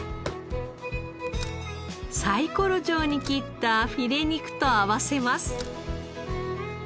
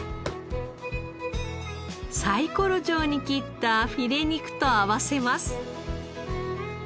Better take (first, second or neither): second